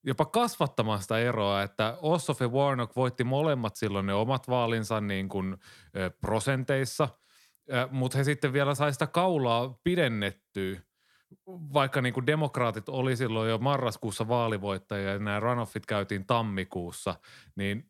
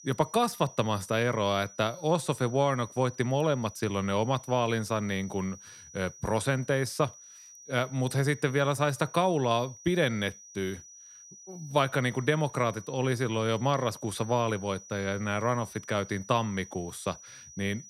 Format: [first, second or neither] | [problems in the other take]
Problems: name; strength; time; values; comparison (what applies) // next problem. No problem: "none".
first | high-pitched whine; noticeable; throughout; 6 kHz, 20 dB below the speech